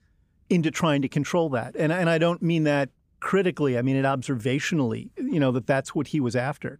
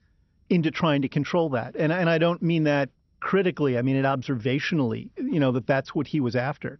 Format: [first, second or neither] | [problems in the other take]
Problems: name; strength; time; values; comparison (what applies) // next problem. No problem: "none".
first | garbled, watery; slightly; nothing above 6 kHz